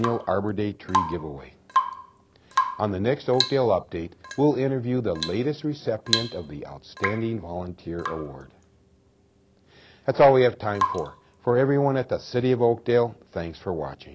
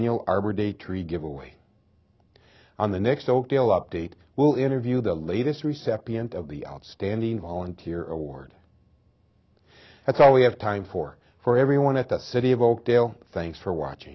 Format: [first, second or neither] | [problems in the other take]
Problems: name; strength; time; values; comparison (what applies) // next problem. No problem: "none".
second | background sound (Drip / Water tap, faucet / Rain); 8 dB below the speech